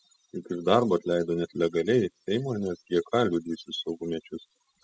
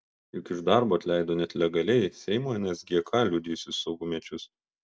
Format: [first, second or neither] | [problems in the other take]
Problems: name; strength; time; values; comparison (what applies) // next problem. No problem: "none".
second | noise reduction (classical method spectral subtraction)